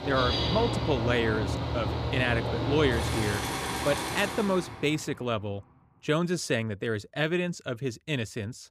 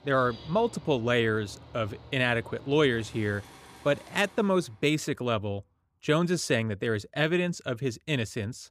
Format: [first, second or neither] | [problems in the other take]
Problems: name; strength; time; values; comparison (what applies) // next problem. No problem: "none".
second | machinery noise; loud; until 4.5 s; 1 dB below the speech; faint in the second